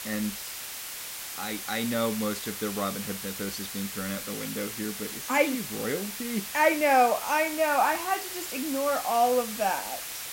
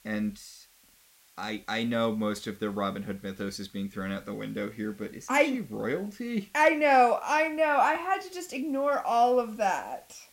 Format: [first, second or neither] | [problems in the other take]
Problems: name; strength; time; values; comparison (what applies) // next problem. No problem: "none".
second | hiss; loud; throughout; 7 dB below the speech; faint in the second